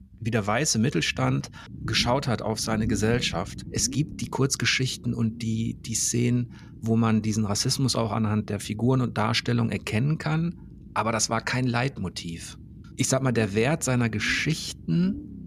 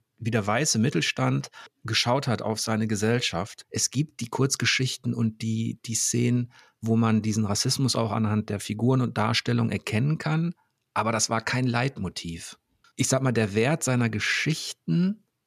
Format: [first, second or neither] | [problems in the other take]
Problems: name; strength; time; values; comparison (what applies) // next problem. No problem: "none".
second | low rumble; faint; throughout; 20 dB below the speech